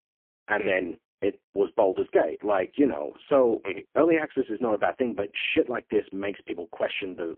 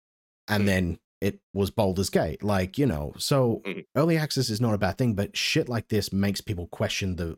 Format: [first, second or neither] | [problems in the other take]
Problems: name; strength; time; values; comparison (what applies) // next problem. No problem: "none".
second | phone-call audio; poor line; nothing above 3 kHz